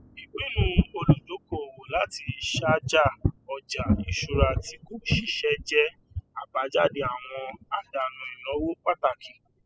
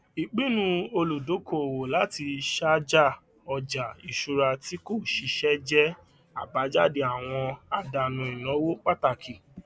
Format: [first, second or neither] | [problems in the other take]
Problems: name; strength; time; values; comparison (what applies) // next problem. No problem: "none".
second | noise reduction (classical method spectral subtraction)